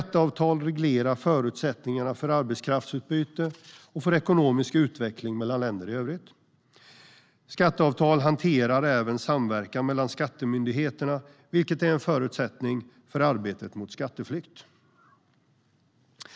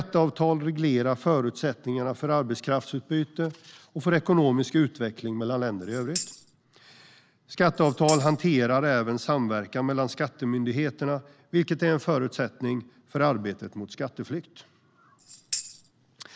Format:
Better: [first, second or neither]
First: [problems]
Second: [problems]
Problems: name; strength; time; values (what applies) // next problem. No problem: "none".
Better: first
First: none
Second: background sound (Tambourine); 12 dB below the speech